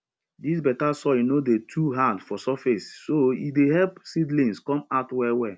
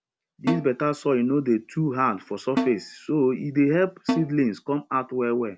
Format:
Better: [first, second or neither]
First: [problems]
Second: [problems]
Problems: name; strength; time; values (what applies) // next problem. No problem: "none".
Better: first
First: none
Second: background sound (Snare drum); 8 dB below the speech